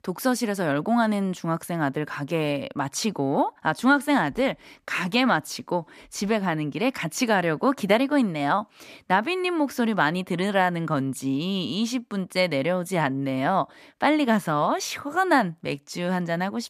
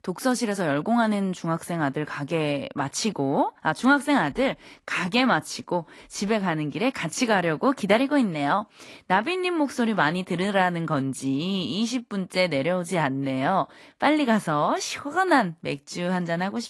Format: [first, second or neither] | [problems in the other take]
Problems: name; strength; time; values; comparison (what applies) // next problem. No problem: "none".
first | garbled, watery; slightly; nothing above 11.5 kHz